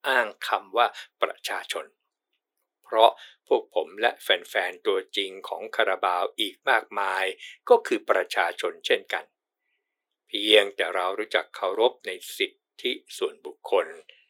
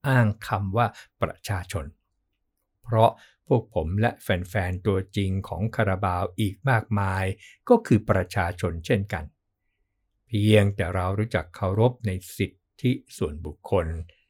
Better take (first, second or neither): second